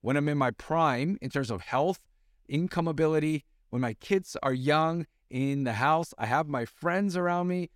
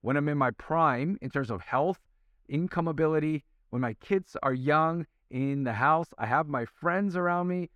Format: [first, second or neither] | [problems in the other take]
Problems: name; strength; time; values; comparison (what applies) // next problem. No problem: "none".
first | muffled; slightly; fading above 3.5 kHz